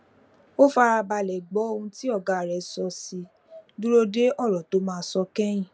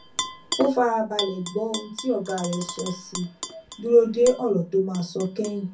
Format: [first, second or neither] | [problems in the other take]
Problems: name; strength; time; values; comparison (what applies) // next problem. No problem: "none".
first | background sound (Tap / Glass); 11 dB below the speech // room echo; dies away in 0.3 s